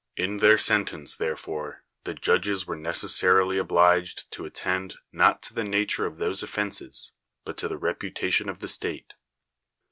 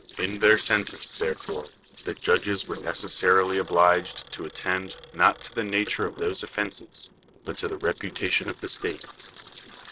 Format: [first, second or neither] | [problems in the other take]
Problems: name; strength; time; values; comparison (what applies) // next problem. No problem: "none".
first | noise reduction (neural separator model SepFormer DNS4)